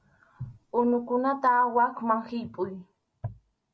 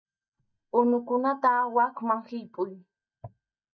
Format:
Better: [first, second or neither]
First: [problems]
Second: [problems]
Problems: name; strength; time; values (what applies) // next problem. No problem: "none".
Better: first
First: none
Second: noise reduction (neural mask model DeepFilterNet 3)